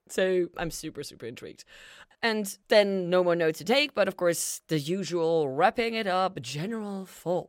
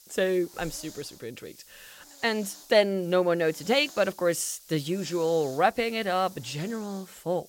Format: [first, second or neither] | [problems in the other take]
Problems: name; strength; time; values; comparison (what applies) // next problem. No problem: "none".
first | hiss; faint; throughout; 20 dB below the speech